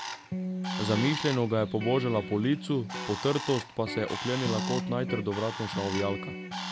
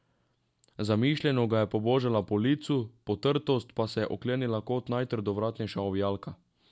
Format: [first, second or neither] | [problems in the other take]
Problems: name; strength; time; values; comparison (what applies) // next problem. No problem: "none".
second | background sound (Electric guitar + Bird); 6 dB below the speech